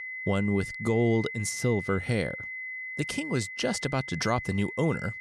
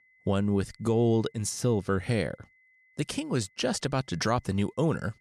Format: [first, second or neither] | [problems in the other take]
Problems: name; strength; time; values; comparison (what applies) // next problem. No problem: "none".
second | high-pitched whine; loud; throughout; 2 kHz, 8 dB below the speech; faint in the second